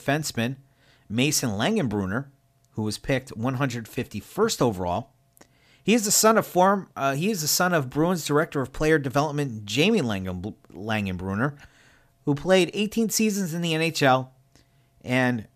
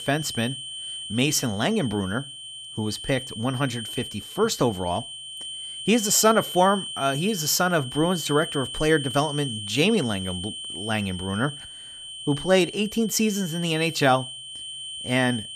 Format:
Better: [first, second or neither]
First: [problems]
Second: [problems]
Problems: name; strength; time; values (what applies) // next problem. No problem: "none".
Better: first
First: none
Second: high-pitched whine; loud; throughout; 3 kHz, 9 dB below the speech